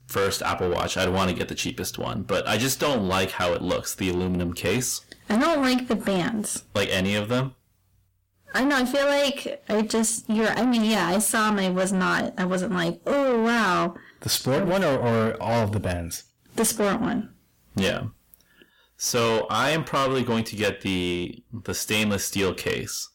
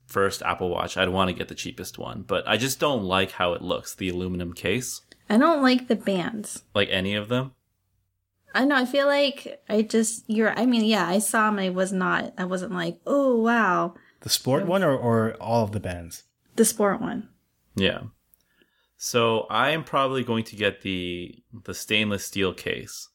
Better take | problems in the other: second | distortion; heavy; 7 dB below the speech

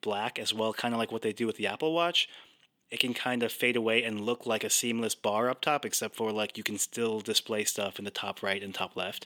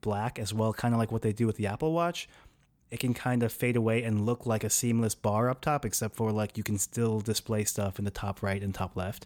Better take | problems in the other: second | thin; somewhat; fading below 300 Hz

